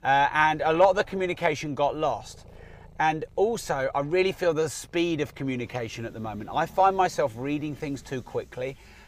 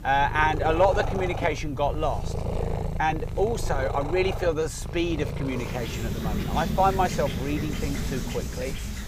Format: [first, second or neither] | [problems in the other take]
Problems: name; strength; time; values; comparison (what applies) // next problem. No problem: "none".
first | animal sounds; loud; throughout; 4 dB below the speech; faint in the first